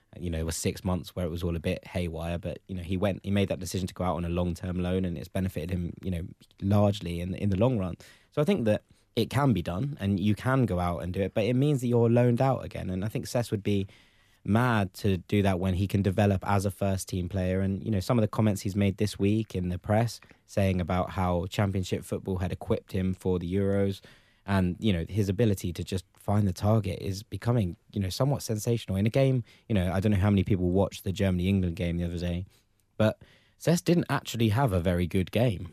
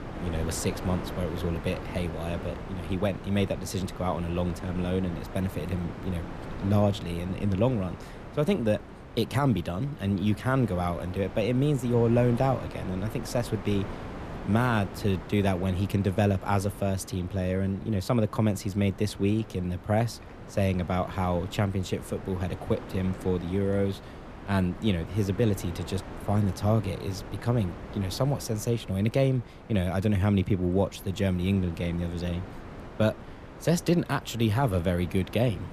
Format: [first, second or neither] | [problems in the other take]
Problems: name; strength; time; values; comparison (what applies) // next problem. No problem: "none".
first | wind noise on the microphone; occasional gusts; 10 dB below the speech